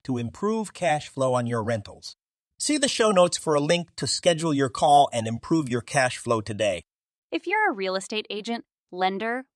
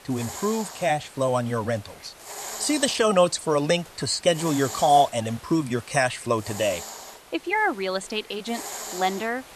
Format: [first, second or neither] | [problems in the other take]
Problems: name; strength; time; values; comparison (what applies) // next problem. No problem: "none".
first | hiss; noticeable; throughout; 15 dB below the speech